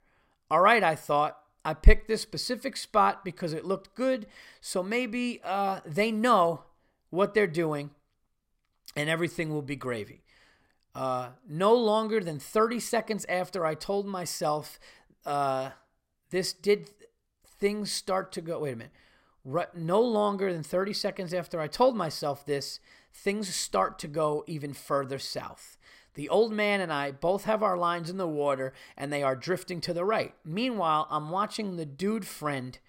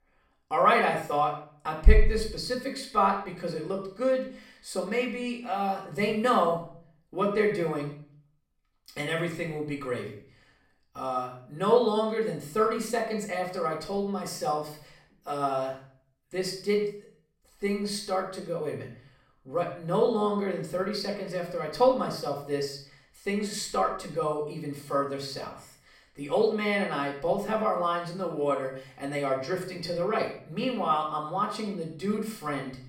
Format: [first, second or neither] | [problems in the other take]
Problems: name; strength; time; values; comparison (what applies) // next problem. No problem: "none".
first | off-mic speech; somewhat distant // room echo; slight; dies away in 0.5 s